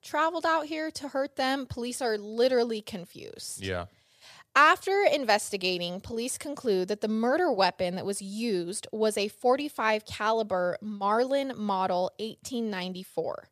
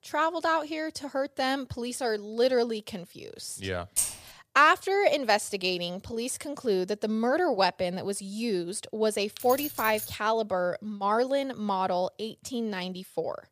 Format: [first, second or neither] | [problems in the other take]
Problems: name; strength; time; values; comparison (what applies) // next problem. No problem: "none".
first | jangling keys; loud; at 4 s; peak level with the speech // jangling keys; noticeable; at 9.5 s; peak 6 dB below the speech